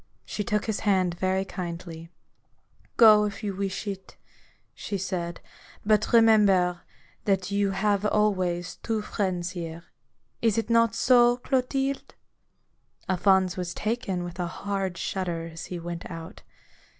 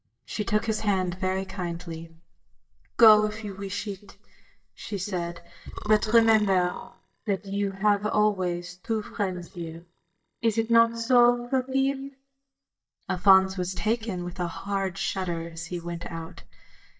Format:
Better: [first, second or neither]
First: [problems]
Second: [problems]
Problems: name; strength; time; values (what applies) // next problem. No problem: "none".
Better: first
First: none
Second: noise reduction (neural mask model DeepFilterNet 3)